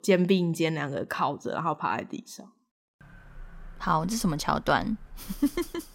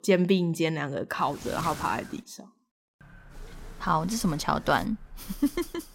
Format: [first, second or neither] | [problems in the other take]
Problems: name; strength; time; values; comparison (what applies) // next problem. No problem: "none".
first | wind noise on the microphone; occasional gusts; from 1 to 2 s and from 3.5 to 5 s; 15 dB below the speech